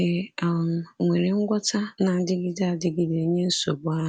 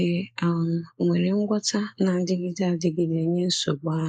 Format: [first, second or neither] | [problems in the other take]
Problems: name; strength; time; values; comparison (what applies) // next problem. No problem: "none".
first | noise reduction (neural mask model Resemble Enhance denoiser)